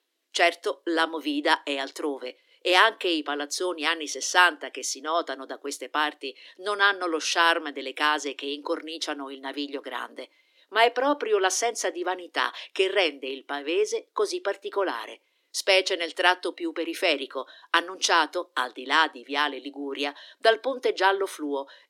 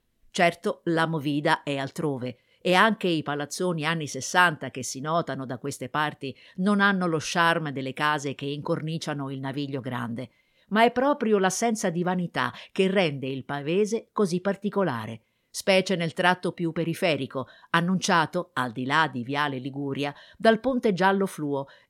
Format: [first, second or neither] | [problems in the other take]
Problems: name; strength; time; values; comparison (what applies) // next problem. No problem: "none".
second | thin; somewhat; fading below 300 Hz